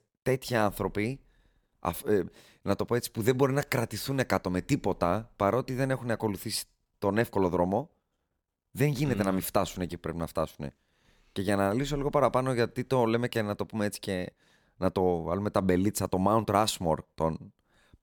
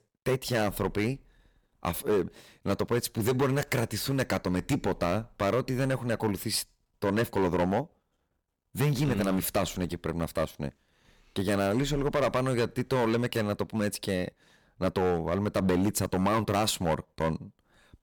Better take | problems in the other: first | distortion; heavy; 7% of the sound clipped

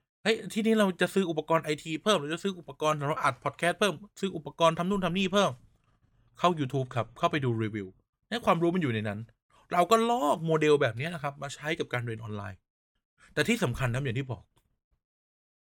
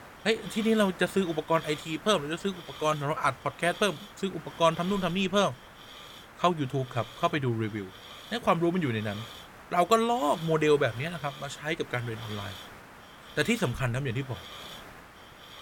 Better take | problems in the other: first | hiss; noticeable; throughout; 15 dB below the speech

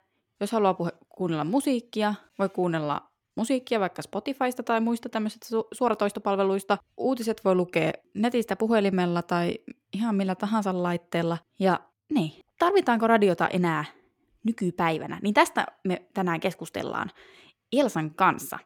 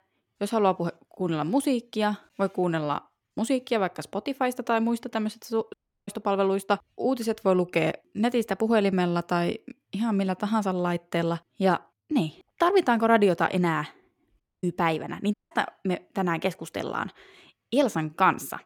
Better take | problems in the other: first | audio cutting out; at 5.5 s, at 14 s and at 15 s

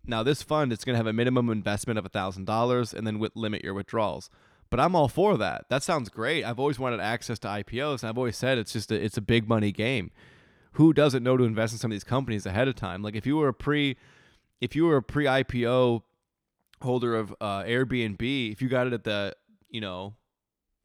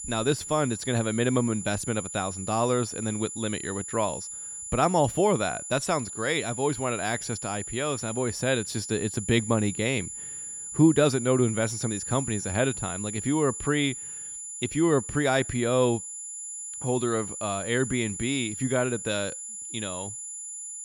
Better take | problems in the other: first | high-pitched whine; loud; throughout; 7 kHz, 7 dB below the speech

